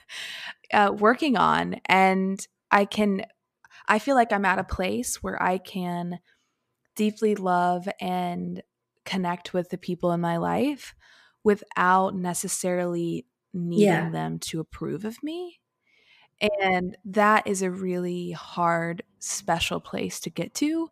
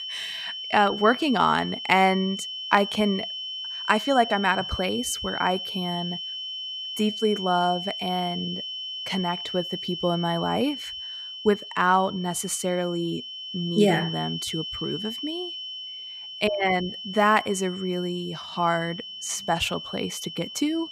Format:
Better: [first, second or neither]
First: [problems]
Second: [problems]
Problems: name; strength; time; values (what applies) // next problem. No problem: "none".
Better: first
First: none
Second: high-pitched whine; loud; throughout; 3 kHz, 7 dB below the speech